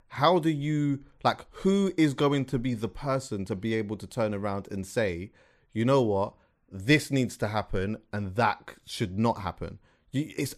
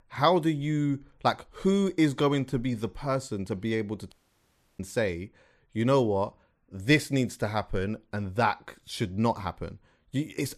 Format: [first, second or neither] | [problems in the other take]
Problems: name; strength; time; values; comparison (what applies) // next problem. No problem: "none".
first | audio cutting out; at 4 s for 0.5 s